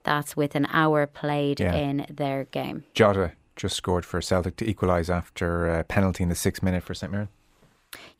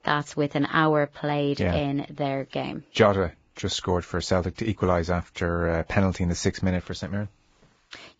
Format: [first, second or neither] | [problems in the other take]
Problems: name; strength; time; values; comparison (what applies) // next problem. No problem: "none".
first | garbled, watery; badly; nothing above 7.5 kHz